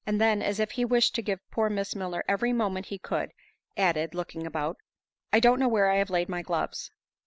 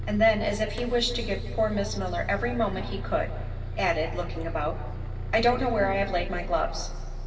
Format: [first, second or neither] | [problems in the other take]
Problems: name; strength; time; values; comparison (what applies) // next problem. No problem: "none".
first | background sound (Bus); 5 dB below the speech // room echo; dies away in 2.3 s